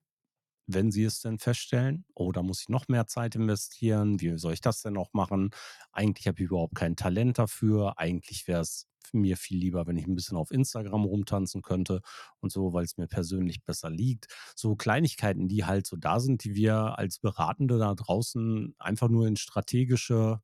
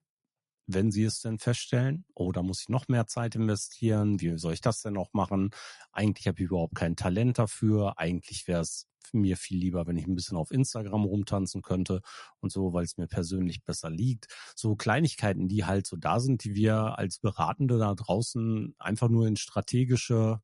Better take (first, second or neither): first